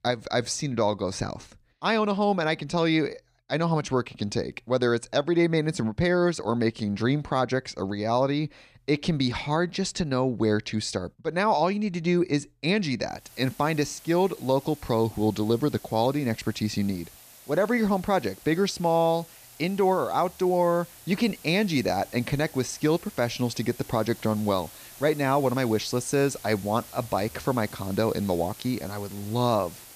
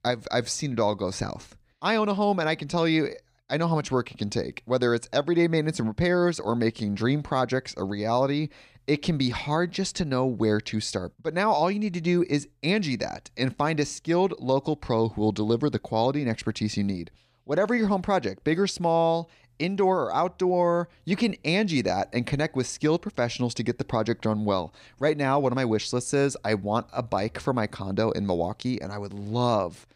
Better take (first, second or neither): second